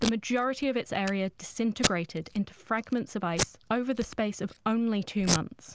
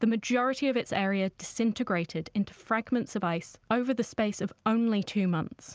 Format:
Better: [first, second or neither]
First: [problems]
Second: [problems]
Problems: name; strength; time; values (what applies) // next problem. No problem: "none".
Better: second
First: background sound (Packing tape, duct tape); 7 dB below the speech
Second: none